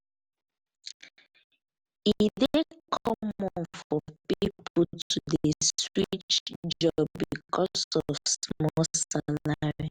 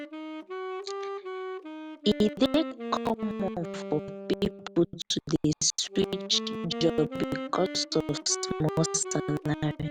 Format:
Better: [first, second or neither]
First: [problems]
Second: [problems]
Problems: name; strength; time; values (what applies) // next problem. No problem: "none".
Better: first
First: none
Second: background sound (Wind instrument, woodwind instrument); 7 dB below the speech